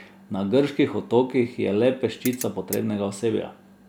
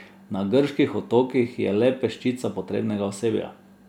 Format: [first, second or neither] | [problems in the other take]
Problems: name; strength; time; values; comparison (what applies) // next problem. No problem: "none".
second | background sound (Ratchet, pawl); 12 dB below the speech